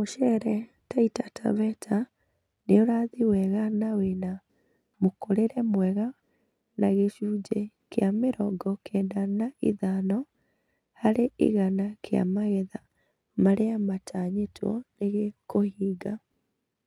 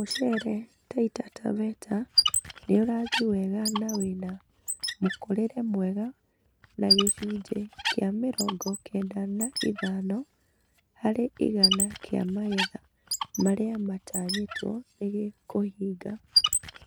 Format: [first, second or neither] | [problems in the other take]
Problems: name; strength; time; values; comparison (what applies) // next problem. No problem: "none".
first | background sound (Squeak); 3 dB below the speech